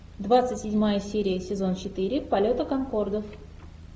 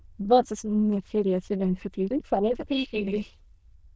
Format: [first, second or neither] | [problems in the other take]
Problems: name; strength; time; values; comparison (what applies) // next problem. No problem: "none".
first | noise reduction (neural diffusion model UNIVERSE++)